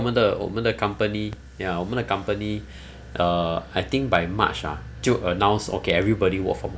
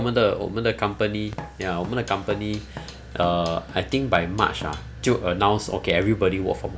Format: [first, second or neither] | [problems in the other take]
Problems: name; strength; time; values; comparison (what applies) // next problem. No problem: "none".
first | background sound (Drum kit); 16 dB below the speech